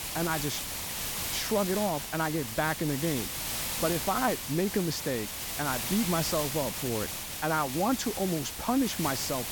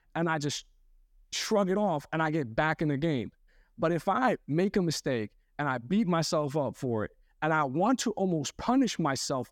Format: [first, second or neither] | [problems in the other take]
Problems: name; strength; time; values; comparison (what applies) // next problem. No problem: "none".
second | hiss; loud; throughout; 2 dB below the speech